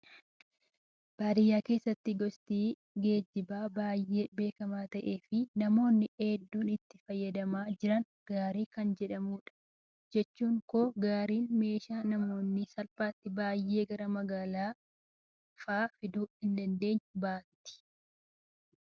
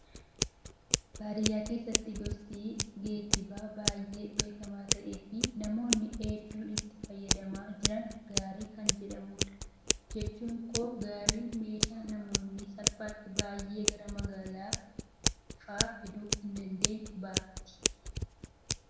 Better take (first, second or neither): first